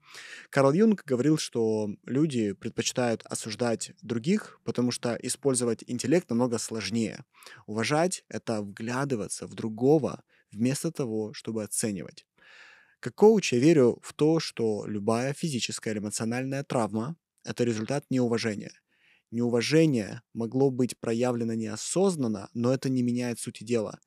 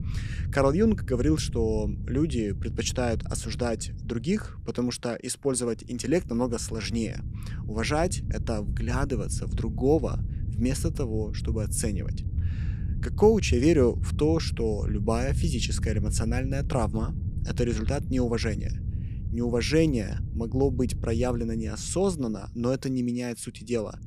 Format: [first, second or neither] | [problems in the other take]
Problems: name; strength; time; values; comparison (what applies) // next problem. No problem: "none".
first | low rumble; noticeable; throughout; 15 dB below the speech